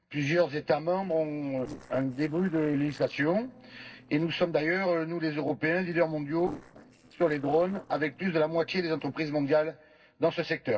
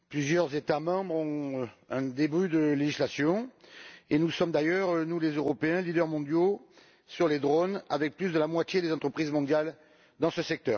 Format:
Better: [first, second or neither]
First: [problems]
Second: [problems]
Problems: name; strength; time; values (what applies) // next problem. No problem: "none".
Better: second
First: noise reduction (neural separator model SepFormer DNS4)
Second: none